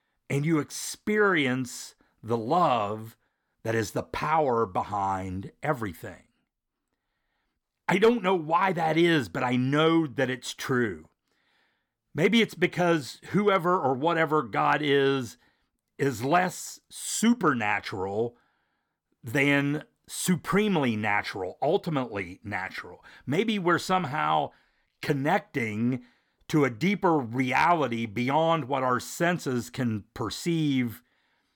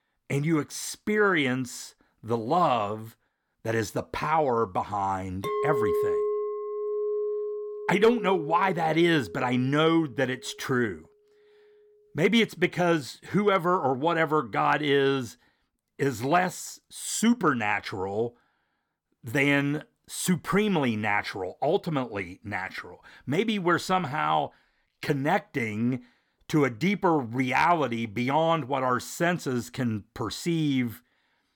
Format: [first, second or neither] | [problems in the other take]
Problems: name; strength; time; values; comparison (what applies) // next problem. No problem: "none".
first | clattering dishes; loud; from 5.5 to 9.5 s; peak 1 dB above the speech